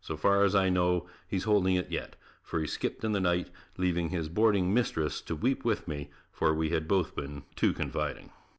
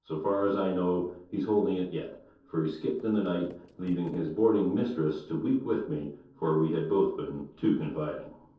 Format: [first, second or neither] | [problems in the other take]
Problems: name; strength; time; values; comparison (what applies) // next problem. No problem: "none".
first | noise reduction (neural separator model SepFormer DNS4)